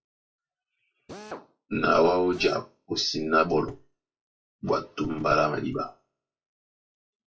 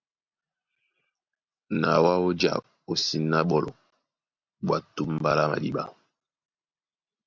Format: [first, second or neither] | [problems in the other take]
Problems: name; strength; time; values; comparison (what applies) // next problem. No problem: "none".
second | noise reduction (classical method WPE with log-MMSE)